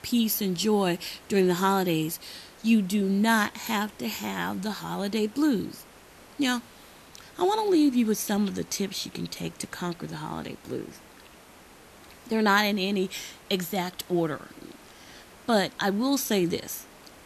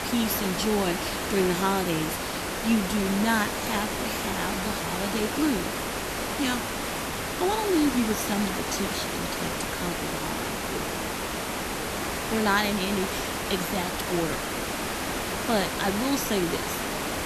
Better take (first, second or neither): first